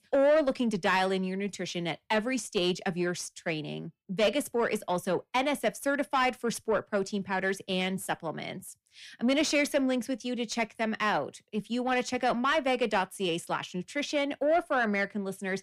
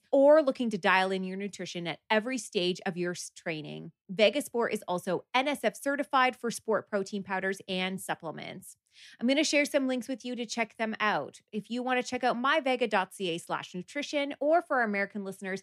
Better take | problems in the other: second | distortion; slight; 10 dB below the speech

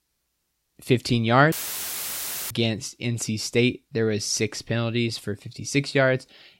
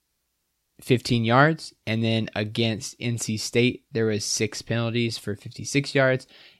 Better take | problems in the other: second | audio cutting out; filled with static; at 1.5 s for 1 s

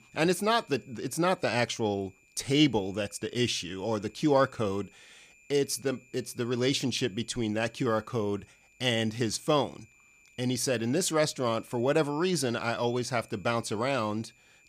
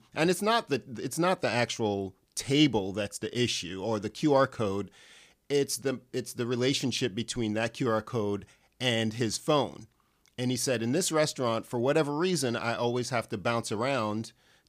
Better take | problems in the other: second | high-pitched whine; faint; throughout; 2.5 kHz, 30 dB below the speech

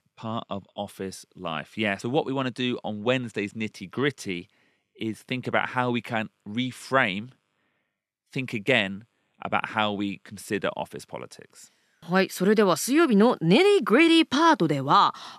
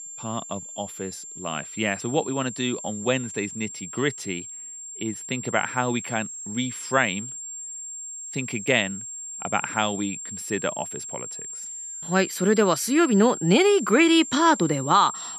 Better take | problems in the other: first | high-pitched whine; loud; throughout; 7.5 kHz, 10 dB below the speech

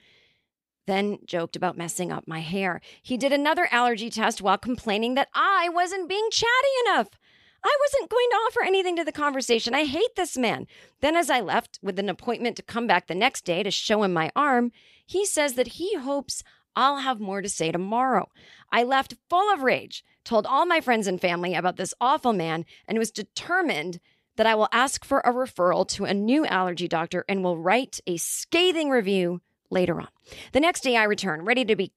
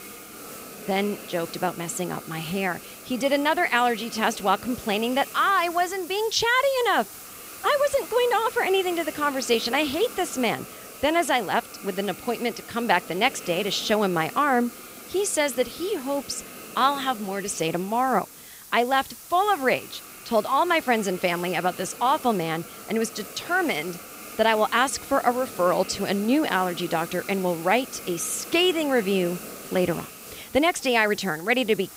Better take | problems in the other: first | hiss; noticeable; throughout; 15 dB below the speech

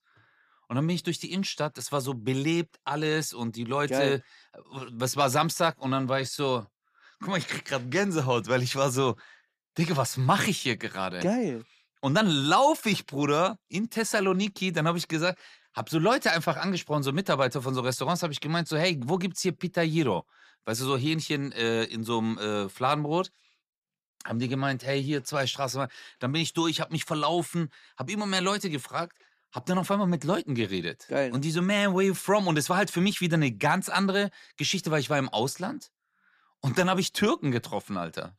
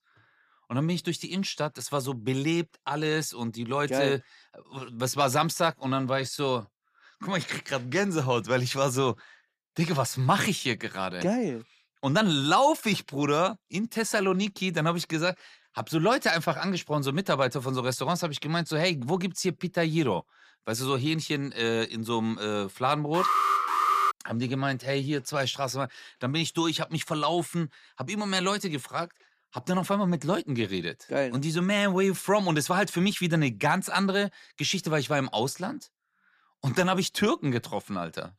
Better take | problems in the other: first | alarm; loud; at 23 s; peak 4 dB above the speech

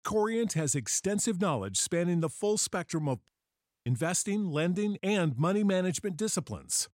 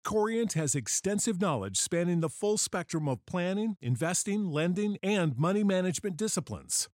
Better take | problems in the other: second | audio cutting out; at 3.5 s for 0.5 s

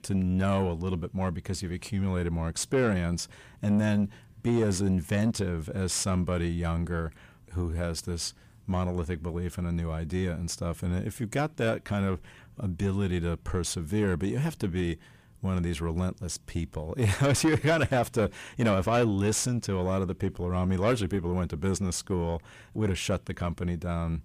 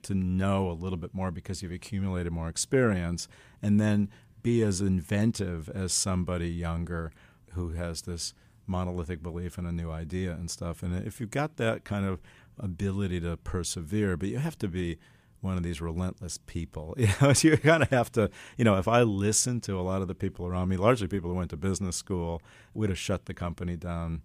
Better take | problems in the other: second | distortion; slight; 10 dB below the speech

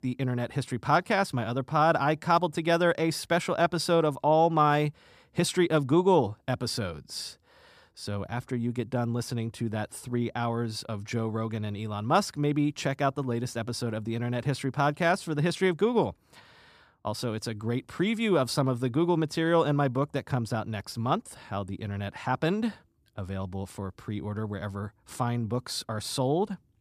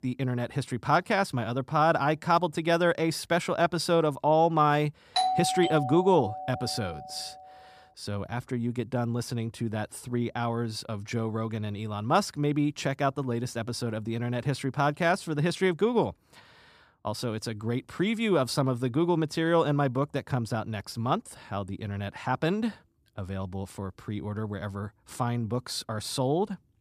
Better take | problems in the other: first | doorbell; loud; from 5 to 7 s; peak 2 dB above the speech

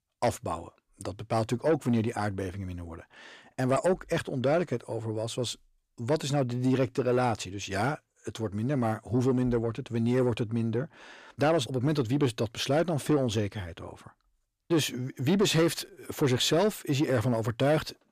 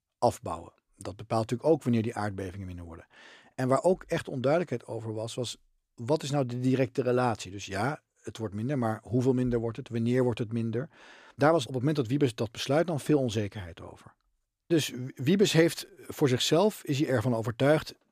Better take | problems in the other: second | distortion; slight; 10 dB below the speech

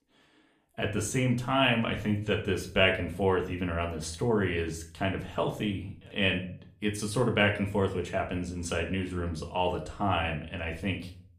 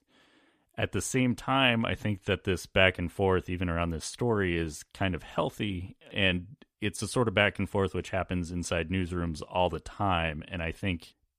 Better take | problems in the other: second | room echo; slight; dies away in 0.4 s // off-mic speech; somewhat distant

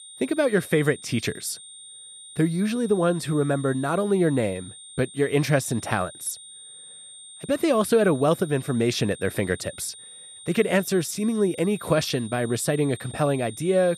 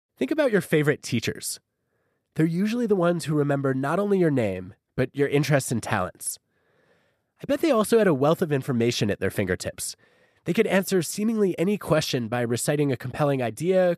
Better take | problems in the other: second | high-pitched whine; noticeable; throughout; 8.5 kHz, 15 dB below the speech

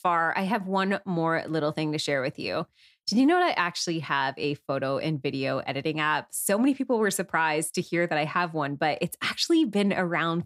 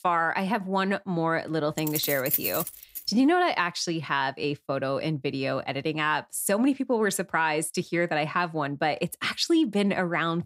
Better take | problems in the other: first | jangling keys; loud; from 2 to 3 s; peak 1 dB above the speech

